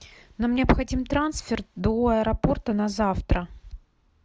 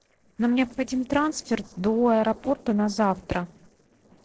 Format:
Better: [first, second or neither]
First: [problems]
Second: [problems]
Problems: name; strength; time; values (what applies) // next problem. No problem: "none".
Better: first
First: none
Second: noise reduction (neural separator model SepFormer DNS4)